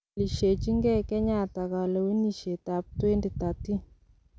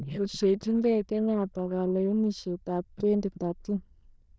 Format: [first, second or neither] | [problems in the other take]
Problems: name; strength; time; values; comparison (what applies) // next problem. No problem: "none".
first | noise reduction (neural diffusion model UNIVERSE++)